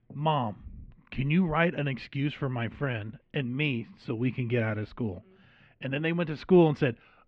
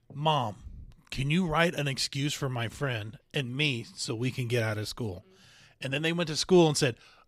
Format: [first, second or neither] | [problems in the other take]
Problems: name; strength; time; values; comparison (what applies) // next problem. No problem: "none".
second | muffled; very; fading above 2.5 kHz